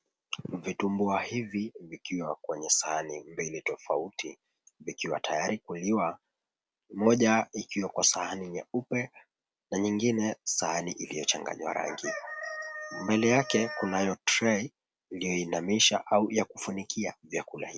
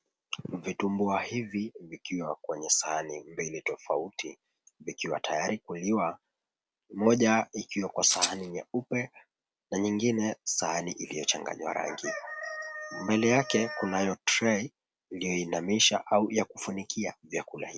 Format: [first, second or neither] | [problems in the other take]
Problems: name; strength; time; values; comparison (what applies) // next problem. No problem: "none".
first | background sound (Rattle (instrument)); 1 dB below the speech